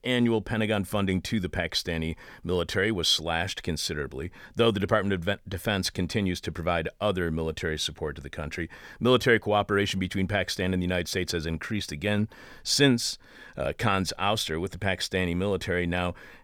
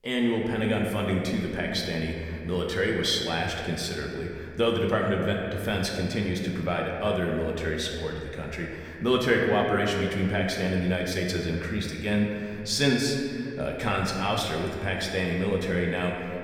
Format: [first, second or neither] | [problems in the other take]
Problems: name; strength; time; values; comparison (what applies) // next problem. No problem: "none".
first | room echo; noticeable; dies away in 2.2 s // off-mic speech; somewhat distant